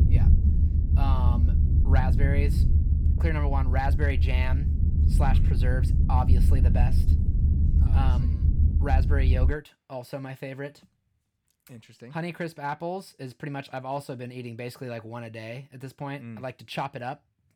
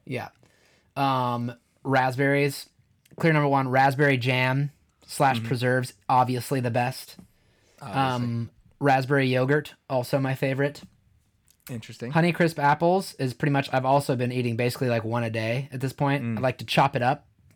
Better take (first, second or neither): second